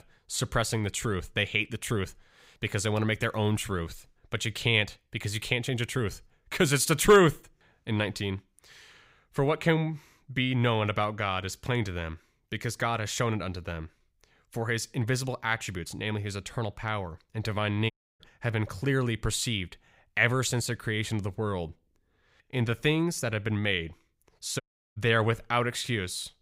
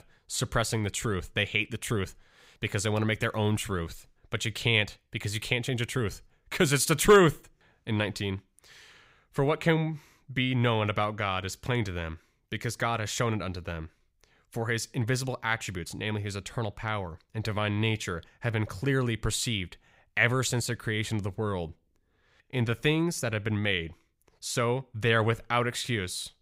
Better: second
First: audio cutting out; at 18 s and at 25 s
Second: none

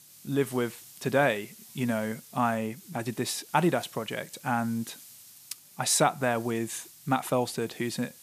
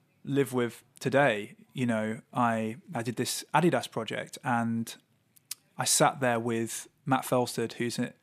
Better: second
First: hiss; noticeable; throughout; 20 dB below the speech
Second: none

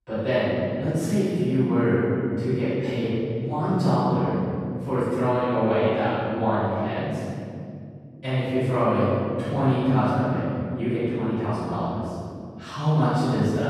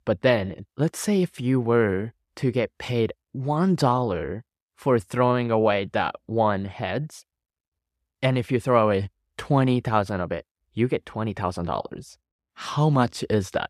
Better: second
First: room echo; strong; dies away in 2.8 s // off-mic speech; far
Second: none

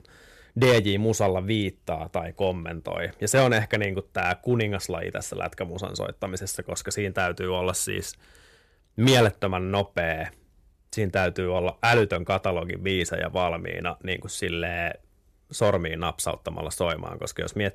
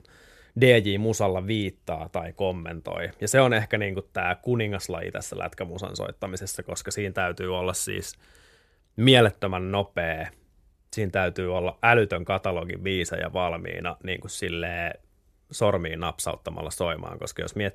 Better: second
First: distortion; slight; 1.8% of the sound clipped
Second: none

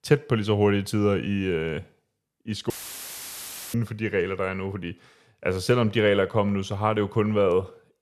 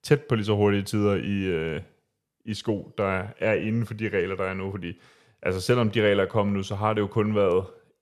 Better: second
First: audio cutting out; filled with static; at 2.5 s for 1 s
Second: none

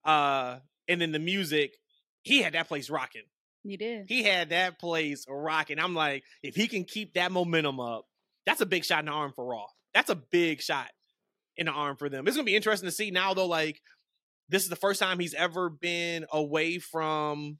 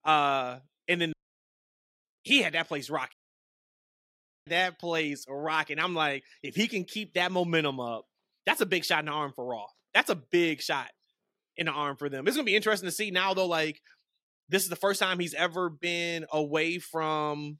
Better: first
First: none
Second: audio cutting out; at 1 s for 1 s and at 3 s for 1.5 s

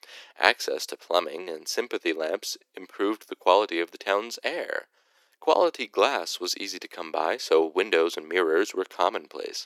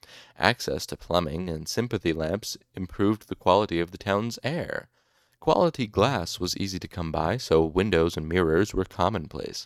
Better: second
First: thin; very; fading below 350 Hz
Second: none

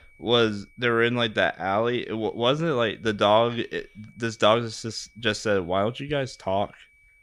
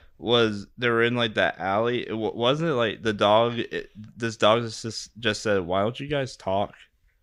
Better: second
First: high-pitched whine; faint; throughout; 2.5 kHz, 30 dB below the speech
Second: none

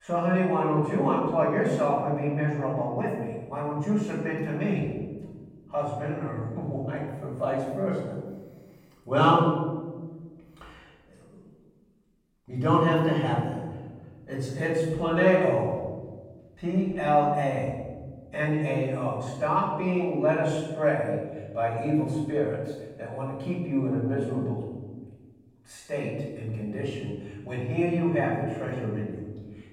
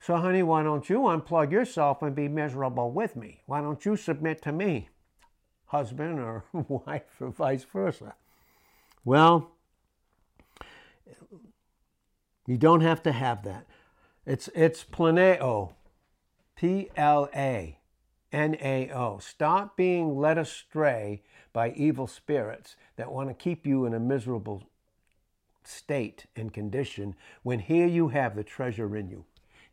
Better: second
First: off-mic speech; far // room echo; noticeable; dies away in 1.2 s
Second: none

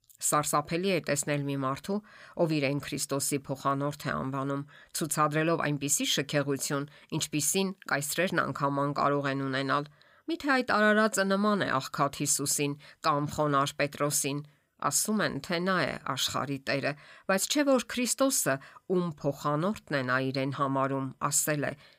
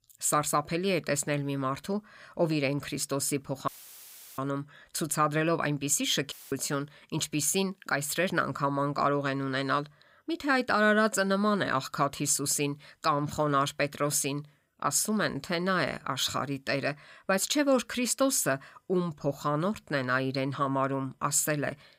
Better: first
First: none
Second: audio cutting out; filled with static; at 3.5 s for 0.5 s and at 6.5 s

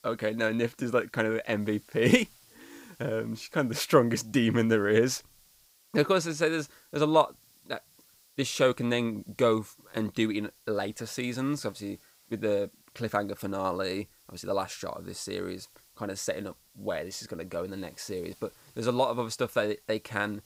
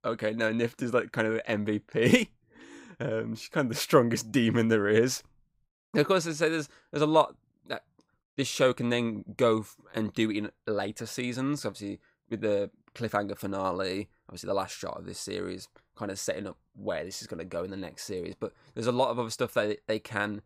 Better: second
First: hiss; faint; throughout; 30 dB below the speech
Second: none

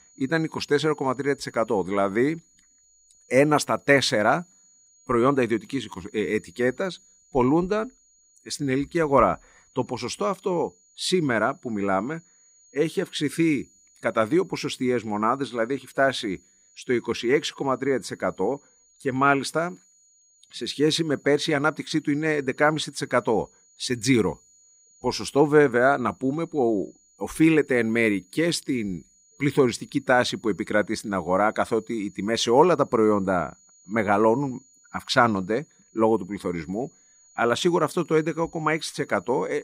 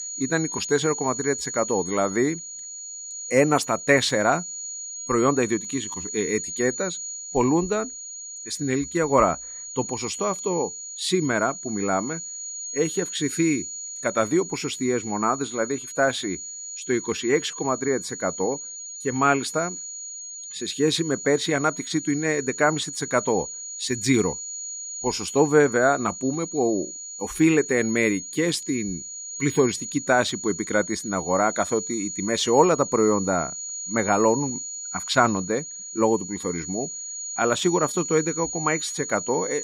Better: first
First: high-pitched whine; faint; throughout; 7 kHz, 30 dB below the speech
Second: high-pitched whine; loud; throughout; 7 kHz, 8 dB below the speech

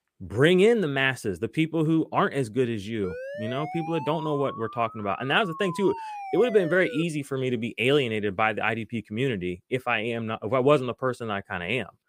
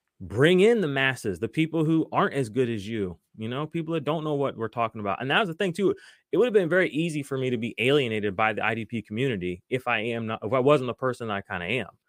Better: second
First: siren; faint; from 3 to 7 s; peak 10 dB below the speech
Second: none

